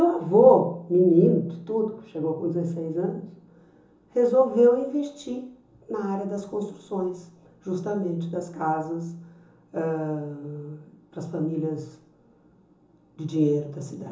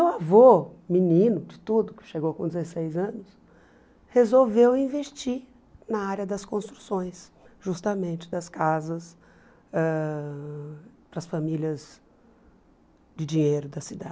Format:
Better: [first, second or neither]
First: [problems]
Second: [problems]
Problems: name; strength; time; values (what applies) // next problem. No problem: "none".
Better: second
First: room echo; dies away in 0.6 s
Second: none